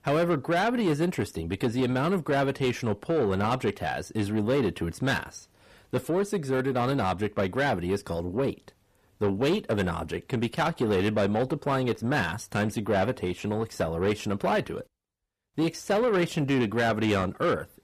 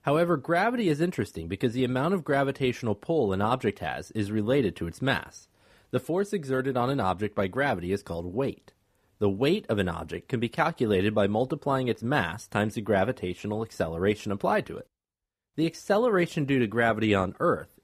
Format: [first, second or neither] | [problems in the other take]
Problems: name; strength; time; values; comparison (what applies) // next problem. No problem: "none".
second | distortion; slight; 10 dB below the speech